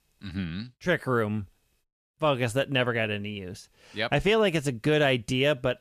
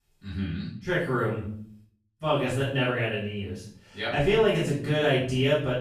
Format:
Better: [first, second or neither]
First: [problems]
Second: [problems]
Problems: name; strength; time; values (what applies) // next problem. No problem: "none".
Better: first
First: none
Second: off-mic speech; far // room echo; noticeable; dies away in 0.5 s